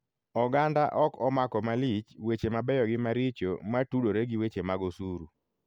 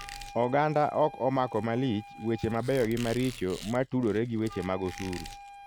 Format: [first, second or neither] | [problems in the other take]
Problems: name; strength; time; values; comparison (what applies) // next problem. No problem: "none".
first | background sound (Squeak + Wind instrument, woodwind instrument); 16 dB below the speech